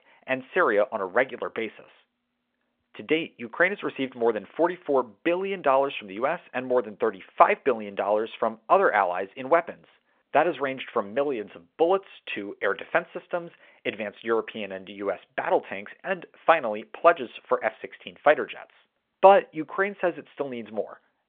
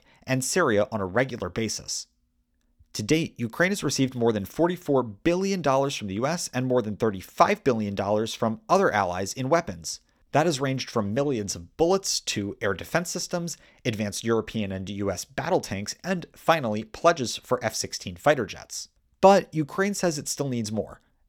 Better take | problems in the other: second | phone-call audio

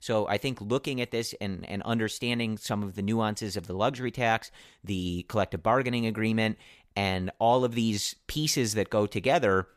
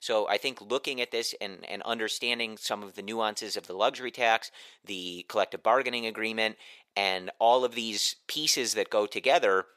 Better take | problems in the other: first | thin; somewhat; fading below 500 Hz

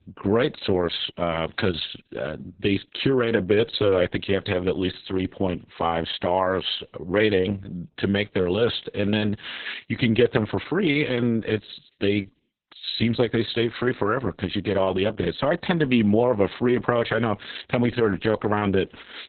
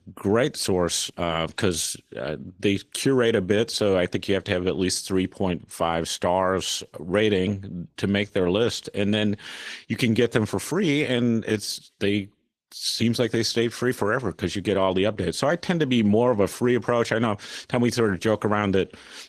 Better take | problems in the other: second | garbled, watery; badly; nothing above 4 kHz; slightly in the second

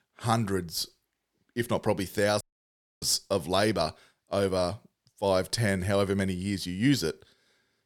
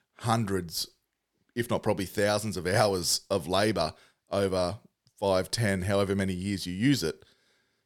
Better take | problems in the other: second | audio cutting out; at 2.5 s for 0.5 s

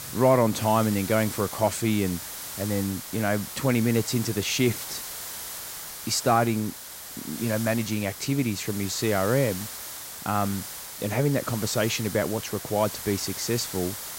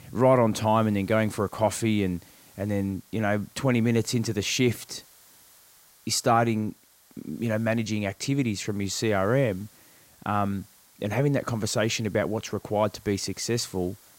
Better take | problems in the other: second | hiss; loud; throughout; 9 dB below the speech; faint in the second

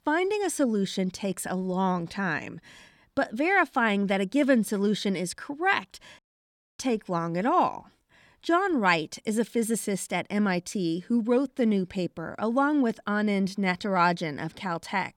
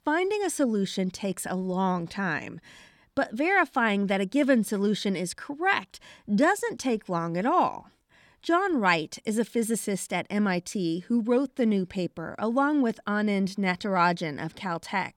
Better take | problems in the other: second | audio cutting out; at 6 s for 0.5 s

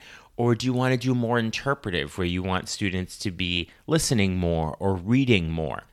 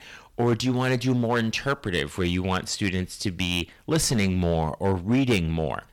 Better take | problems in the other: first | distortion; slight; 7% of the sound clipped

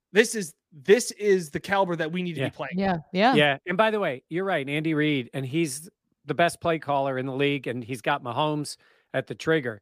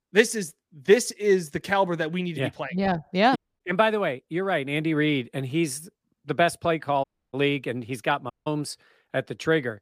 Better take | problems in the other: first | audio cutting out; at 3.5 s, at 7 s and at 8.5 s

